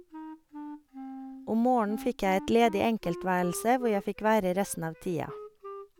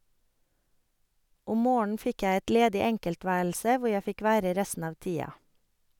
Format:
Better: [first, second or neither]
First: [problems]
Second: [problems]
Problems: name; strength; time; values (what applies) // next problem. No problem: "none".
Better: second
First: background sound (Wind instrument, woodwind instrument); 15 dB below the speech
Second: none